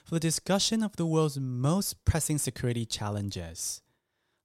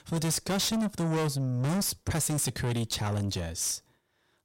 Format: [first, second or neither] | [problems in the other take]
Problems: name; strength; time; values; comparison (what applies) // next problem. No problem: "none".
first | distortion; heavy; 6 dB below the speech